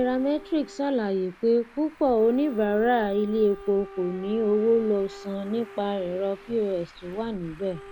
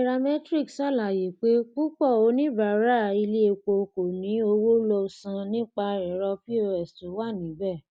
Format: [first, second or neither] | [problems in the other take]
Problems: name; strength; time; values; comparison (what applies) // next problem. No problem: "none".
second | background sound (Traffic noise, roadway noise + Wind instrument, woodwind instrument); 18 dB below the speech